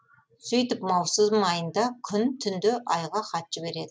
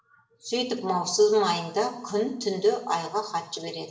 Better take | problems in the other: first | room echo; dies away in 0.8 s

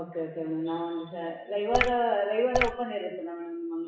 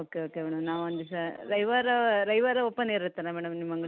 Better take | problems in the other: second | noise reduction (classical method WPE with log-MMSE)

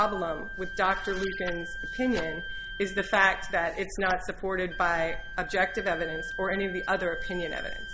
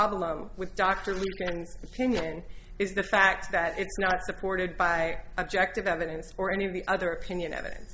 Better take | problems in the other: second | background sound (Wind instrument, woodwind instrument); 10 dB below the speech

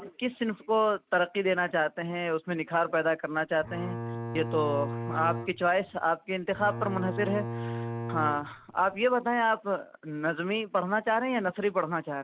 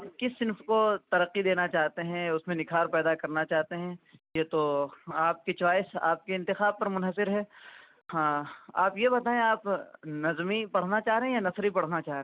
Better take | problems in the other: second | background sound (Bowed string instrument); 7 dB below the speech

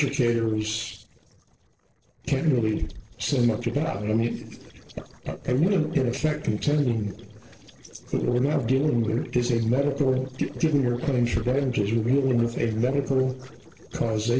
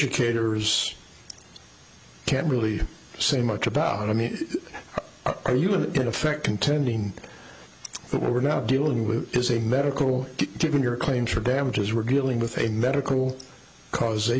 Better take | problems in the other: second | noise reduction (neural separator model SepFormer DNS4)

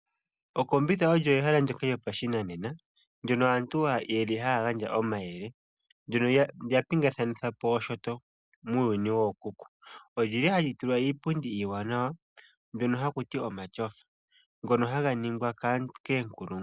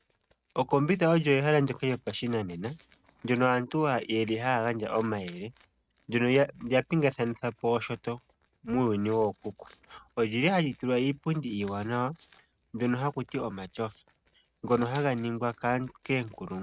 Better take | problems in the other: first | noise reduction (neural mask model RNNoise)

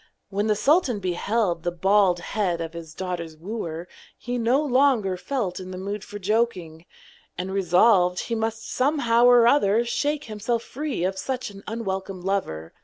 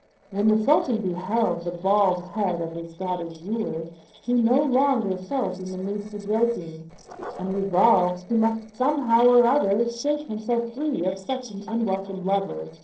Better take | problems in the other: first | noise reduction (neural separator model SepFormer DNS4)

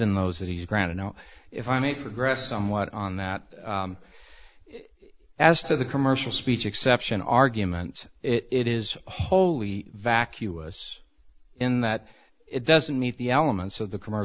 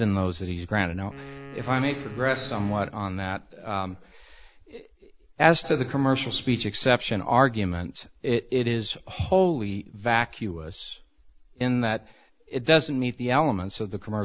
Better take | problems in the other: first | background sound (Wind instrument, woodwind instrument); 17 dB below the speech

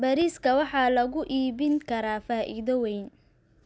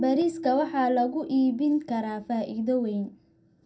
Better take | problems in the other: first | background sound (Keyboard (musical)); 15 dB below the speech // room echo; dies away in 0.2 s

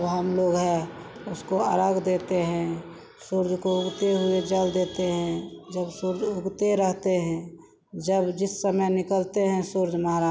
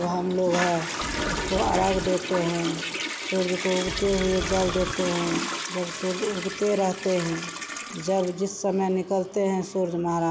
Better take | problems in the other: first | background sound (Toilet flush + Wind); 6 dB below the speech

